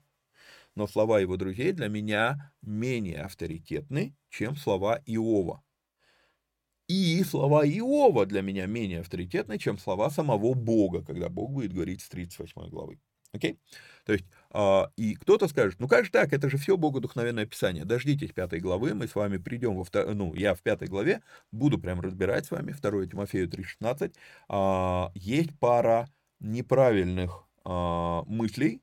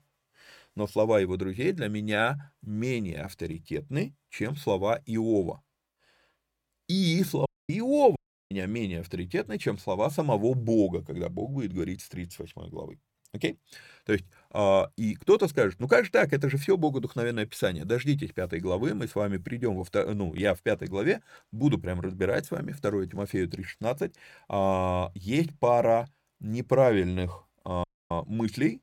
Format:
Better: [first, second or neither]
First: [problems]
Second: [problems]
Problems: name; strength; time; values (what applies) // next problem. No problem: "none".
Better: first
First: none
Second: audio cutting out; at 7.5 s, at 8 s and at 28 s